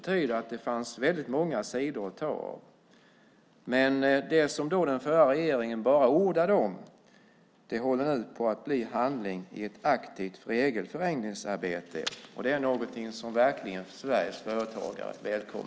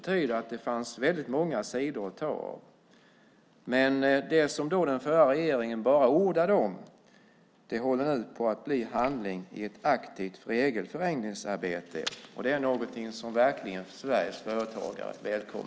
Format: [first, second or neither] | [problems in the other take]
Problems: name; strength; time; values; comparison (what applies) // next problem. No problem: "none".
first | background sound (Drip / Water); 14 dB below the speech